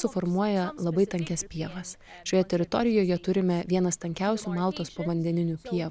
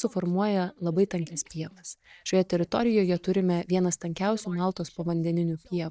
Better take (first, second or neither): first